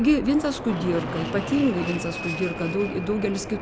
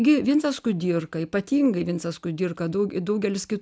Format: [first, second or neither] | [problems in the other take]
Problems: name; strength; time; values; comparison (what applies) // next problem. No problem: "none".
second | background sound (Fixed-wing aircraft, airplane); 7 dB below the speech